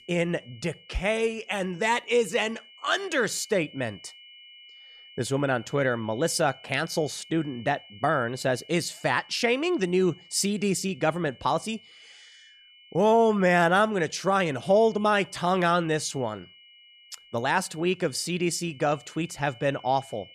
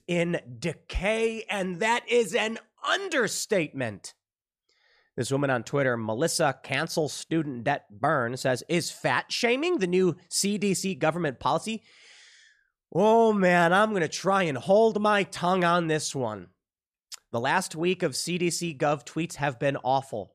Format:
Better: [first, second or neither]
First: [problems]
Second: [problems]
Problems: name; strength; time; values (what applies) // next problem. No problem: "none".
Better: second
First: high-pitched whine; faint; throughout; 3 kHz, 25 dB below the speech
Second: none